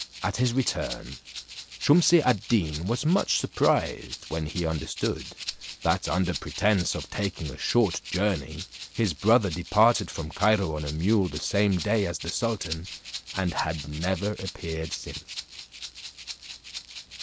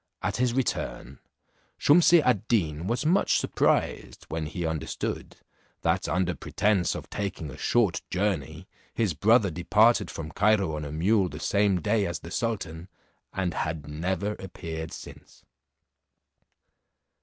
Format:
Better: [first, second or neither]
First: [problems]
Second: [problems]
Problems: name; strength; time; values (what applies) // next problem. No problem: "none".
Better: second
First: background sound (Rattle (instrument)); 13 dB below the speech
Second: none